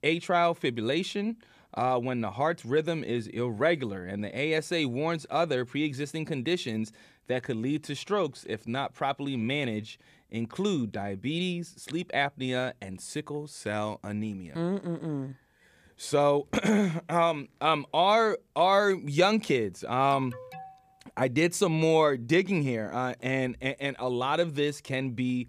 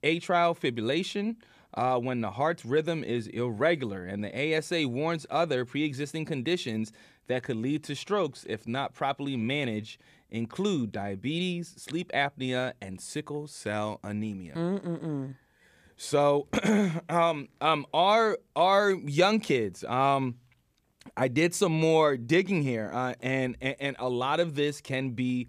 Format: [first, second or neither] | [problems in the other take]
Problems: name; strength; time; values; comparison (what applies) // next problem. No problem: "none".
second | alarm; faint; at 20 s; peak 15 dB below the speech